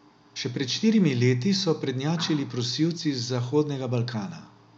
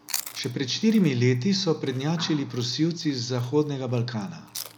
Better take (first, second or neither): first